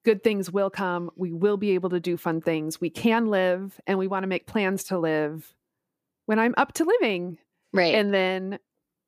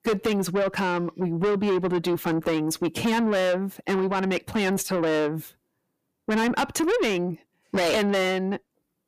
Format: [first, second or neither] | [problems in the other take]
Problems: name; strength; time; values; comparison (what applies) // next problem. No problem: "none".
first | distortion; heavy; 6 dB below the speech